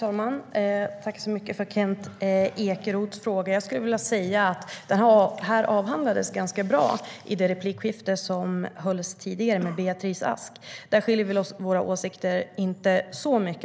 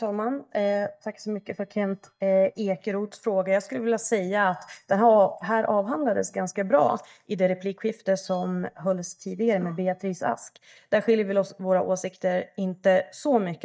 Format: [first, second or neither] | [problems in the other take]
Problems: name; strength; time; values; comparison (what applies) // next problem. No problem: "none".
first | noise reduction (neural mask model DeepFilterNet 3)